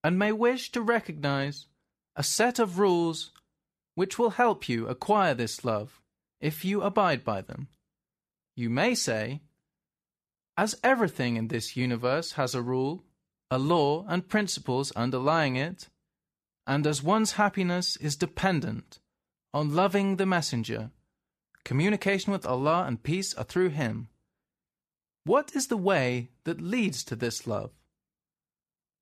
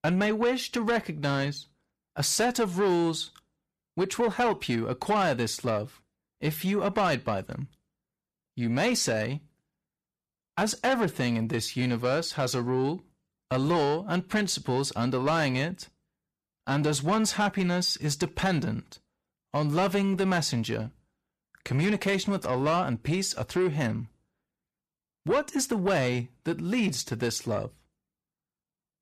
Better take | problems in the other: first | distortion; slight; 10 dB below the speech

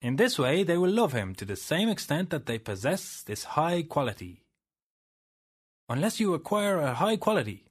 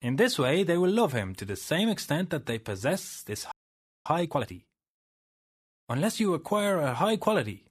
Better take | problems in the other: first | audio freezing; at 3.5 s for 0.5 s

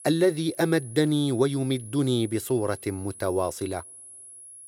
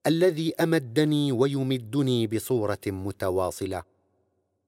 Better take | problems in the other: second | high-pitched whine; noticeable; throughout; 10.5 kHz, 15 dB below the speech

